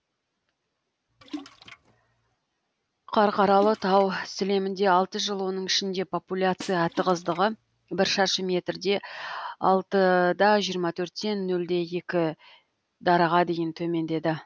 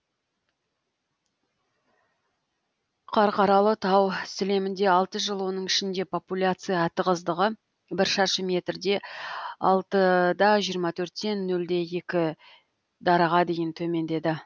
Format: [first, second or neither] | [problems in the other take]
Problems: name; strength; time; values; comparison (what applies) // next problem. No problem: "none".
second | background sound (Splash, splatter + Snare drum); 17 dB below the speech